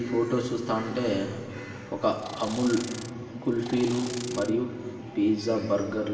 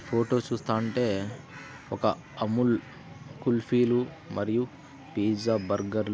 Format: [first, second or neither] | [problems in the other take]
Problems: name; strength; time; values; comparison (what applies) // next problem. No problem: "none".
second | background sound (Insect); 13 dB below the speech // room echo; dies away in 2.5 s